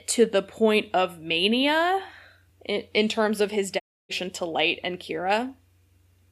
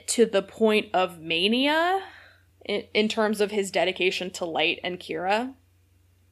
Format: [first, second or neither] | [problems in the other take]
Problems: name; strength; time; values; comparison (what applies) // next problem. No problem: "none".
second | audio cutting out; at 4 s